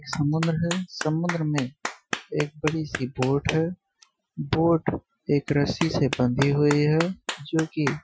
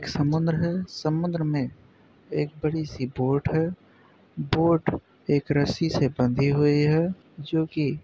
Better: second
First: noise reduction (classical method Wiener filter)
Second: none

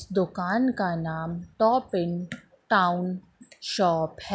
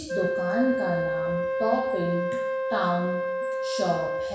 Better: first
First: none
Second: background sound (Wind instrument, woodwind instrument); 1 dB above the speech // room echo; dies away in 0.7 s

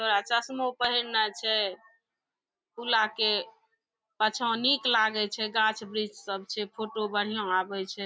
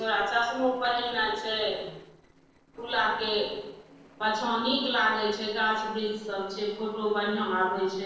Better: first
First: none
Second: noise reduction (neural separator model SepFormer DNS4)

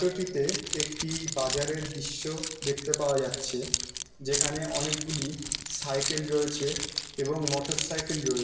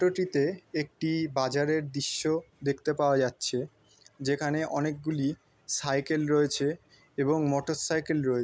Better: second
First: background sound (Keys jangling); 2 dB below the speech // room echo; dies away in 0.9 s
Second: none

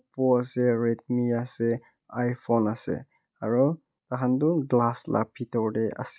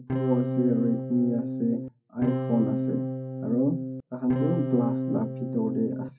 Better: first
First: none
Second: background sound (Electric guitar / Strum); 2 dB below the speech // room echo; dies away in 0.4 s

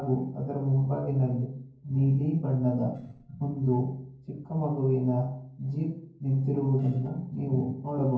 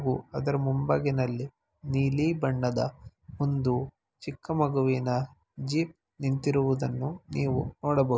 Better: second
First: noise reduction (neural separator model SepFormer DNS4)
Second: none

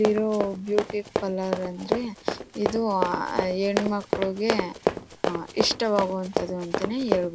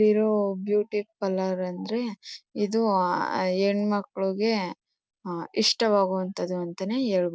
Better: second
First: background sound (Run); 3 dB below the speech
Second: none

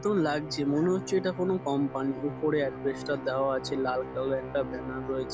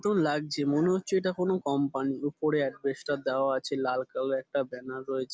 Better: second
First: background sound (Musical instrument); 10 dB below the speech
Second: none

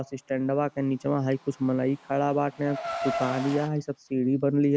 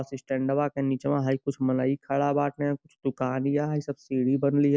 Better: second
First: background sound (Car); 12 dB below the speech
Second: none

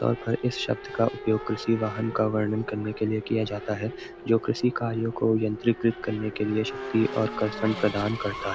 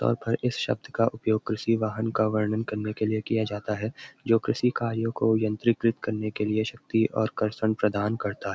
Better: second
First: background sound (Race car, auto racing / Accelerating, revving, vroom); 11 dB below the speech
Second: none

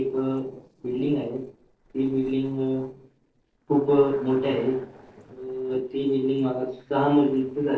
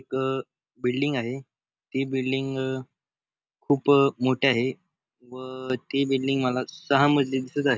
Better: second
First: noise reduction (neural separator model SepFormer DNS4)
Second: none

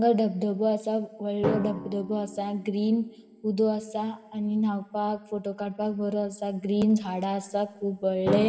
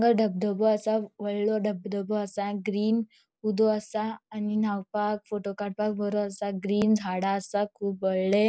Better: second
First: background sound (Drum); 12 dB below the speech // room echo; dies away in 1.5 s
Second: none

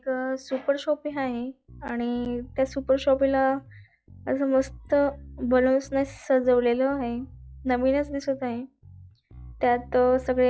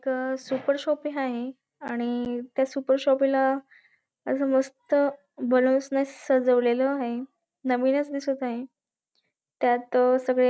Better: second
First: noise reduction (classical method log-MMSE)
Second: none

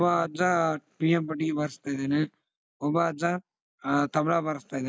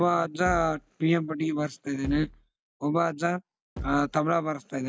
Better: first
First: none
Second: background sound (Bass drum); 12 dB below the speech

